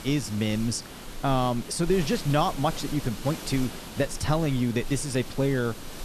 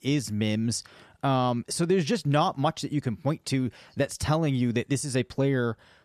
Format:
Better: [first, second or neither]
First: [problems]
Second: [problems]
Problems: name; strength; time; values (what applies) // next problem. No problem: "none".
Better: second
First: hiss; noticeable; throughout; 10 dB below the speech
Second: none